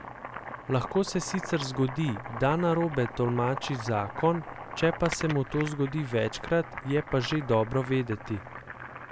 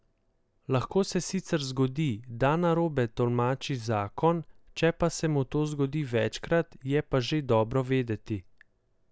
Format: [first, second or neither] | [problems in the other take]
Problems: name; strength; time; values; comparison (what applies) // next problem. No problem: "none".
second | background sound (Boiling); 11 dB below the speech